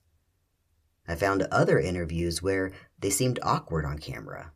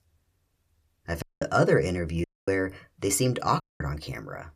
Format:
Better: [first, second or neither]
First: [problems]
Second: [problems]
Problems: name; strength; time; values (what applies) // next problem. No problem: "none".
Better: first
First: none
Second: audio cutting out; at 1 s, at 2 s and at 3.5 s